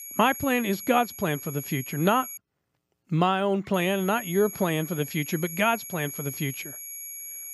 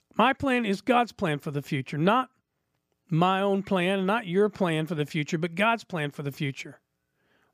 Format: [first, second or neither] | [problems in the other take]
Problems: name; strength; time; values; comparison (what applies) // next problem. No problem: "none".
second | high-pitched whine; noticeable; until 2.5 s and from 3.5 s on; 11.5 kHz, 10 dB below the speech